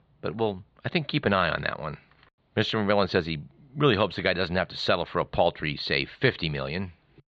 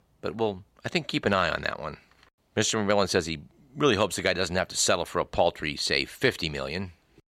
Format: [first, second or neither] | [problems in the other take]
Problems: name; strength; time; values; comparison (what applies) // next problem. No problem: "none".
second | muffled; very slightly; fading above 4 kHz